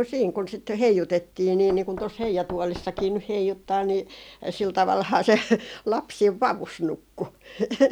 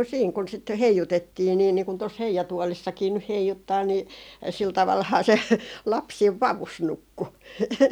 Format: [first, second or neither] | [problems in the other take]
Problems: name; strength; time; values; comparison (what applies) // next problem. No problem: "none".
second | background sound (Knock); 18 dB below the speech